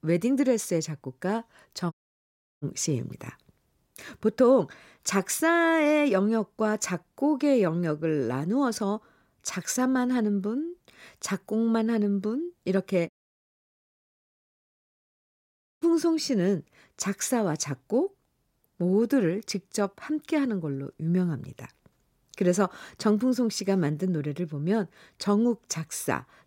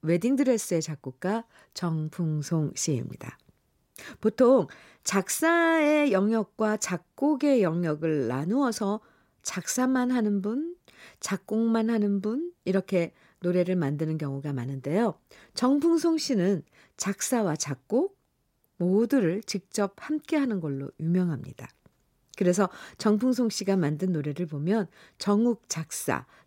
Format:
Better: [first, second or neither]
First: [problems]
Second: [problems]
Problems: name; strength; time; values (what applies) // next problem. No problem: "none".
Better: second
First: audio cutting out; at 2 s for 0.5 s and at 13 s for 2.5 s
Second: none